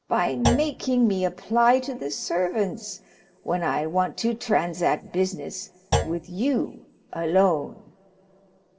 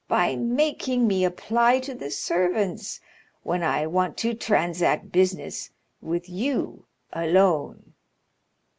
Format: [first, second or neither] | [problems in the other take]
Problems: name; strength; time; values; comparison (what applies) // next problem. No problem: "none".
second | background sound (Thump, thud); 6 dB below the speech // room echo; dies away in 0.3 s